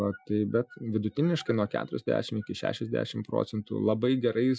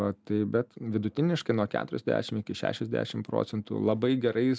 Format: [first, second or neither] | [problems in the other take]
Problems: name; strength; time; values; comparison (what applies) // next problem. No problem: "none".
second | noise reduction (classical method Wiener filter)